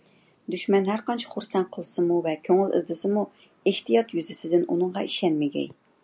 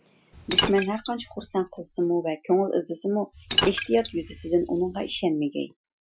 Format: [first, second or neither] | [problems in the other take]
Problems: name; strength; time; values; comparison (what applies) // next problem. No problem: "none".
first | noise reduction (classical method Wiener filter)